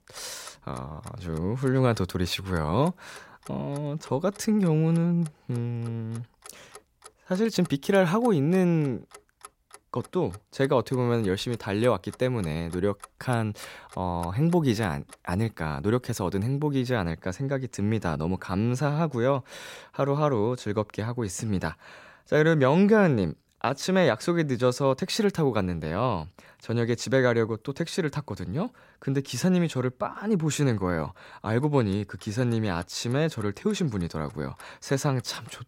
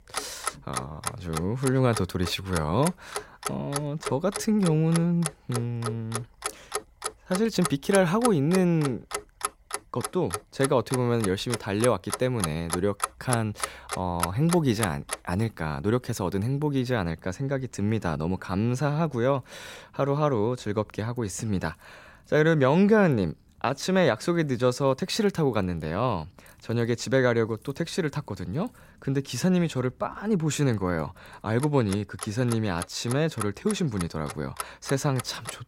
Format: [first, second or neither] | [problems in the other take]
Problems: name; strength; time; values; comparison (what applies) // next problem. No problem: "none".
first | household noises; loud; throughout; 9 dB below the speech; faint in the first